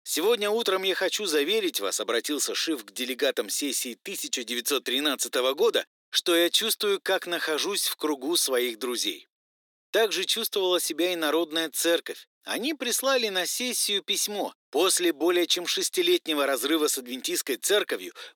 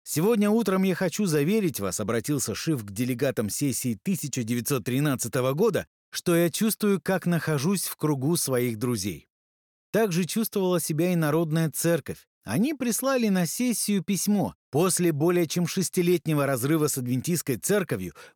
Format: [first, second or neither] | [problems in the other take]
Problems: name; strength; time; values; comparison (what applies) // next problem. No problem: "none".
second | thin; somewhat; fading below 300 Hz